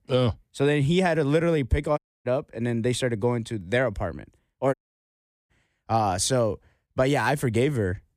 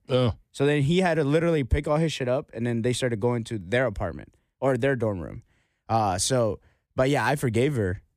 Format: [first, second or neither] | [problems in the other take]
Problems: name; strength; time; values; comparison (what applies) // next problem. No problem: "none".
second | audio cutting out; at 2 s and at 4.5 s for 1 s